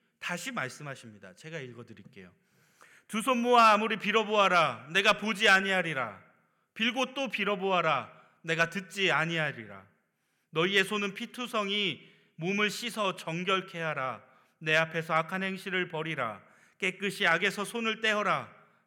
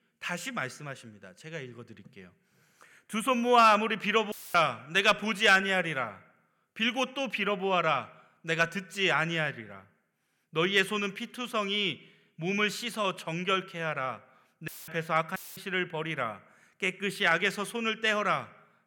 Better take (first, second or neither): first